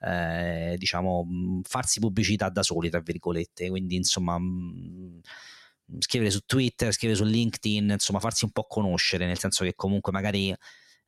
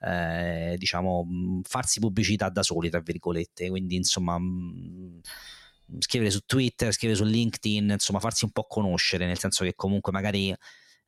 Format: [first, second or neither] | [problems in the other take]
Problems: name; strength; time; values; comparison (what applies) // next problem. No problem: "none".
first | doorbell; faint; at 5 s; peak 15 dB below the speech